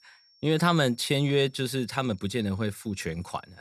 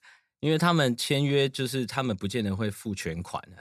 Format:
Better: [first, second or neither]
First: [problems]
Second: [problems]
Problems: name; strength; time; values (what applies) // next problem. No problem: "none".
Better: second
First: high-pitched whine; faint; throughout; 5.5 kHz, 35 dB below the speech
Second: none